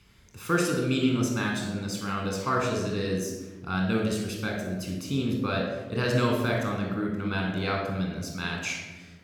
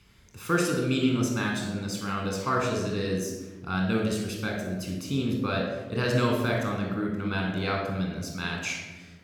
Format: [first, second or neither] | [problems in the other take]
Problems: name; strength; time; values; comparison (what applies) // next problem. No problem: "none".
neither | off-mic speech; somewhat distant; the same in both // room echo; noticeable; dies away in 1.1 s; the same in both